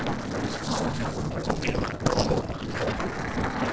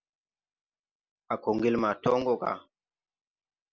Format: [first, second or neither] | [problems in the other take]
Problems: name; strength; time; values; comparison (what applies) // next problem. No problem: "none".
second | noise reduction (neural separator model SepFormer DNS4)